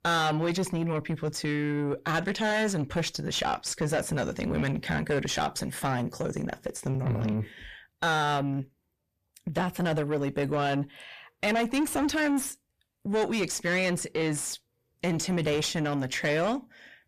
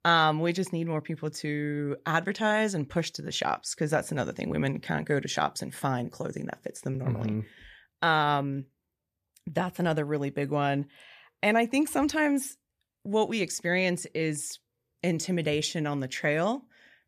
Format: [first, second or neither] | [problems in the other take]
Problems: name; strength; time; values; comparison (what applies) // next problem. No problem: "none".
second | distortion; heavy; 6 dB below the speech